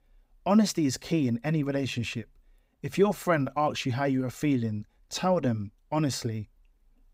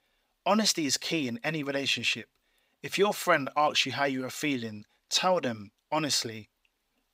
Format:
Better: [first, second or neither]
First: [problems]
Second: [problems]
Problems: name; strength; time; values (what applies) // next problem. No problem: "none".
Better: first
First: none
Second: thin; somewhat; fading below 750 Hz